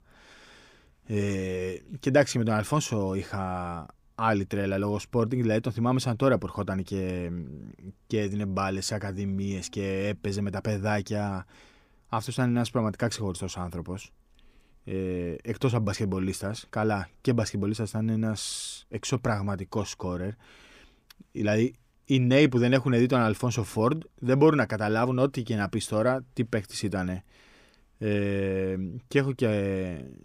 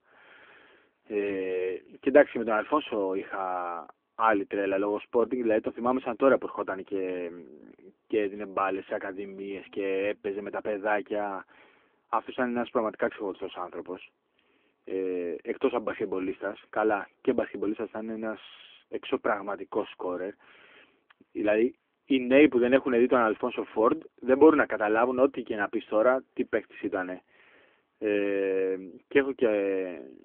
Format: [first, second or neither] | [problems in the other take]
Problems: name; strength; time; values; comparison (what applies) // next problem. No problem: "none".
first | phone-call audio; nothing above 3.5 kHz